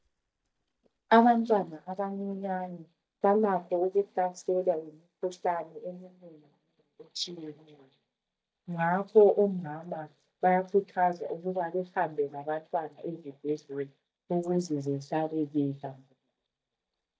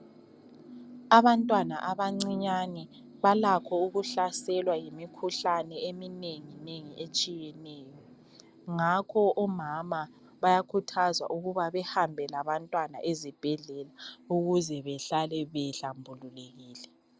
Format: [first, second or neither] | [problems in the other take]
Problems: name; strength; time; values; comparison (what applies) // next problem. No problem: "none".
second | noise reduction (neural mask model DeepFilterNet 3)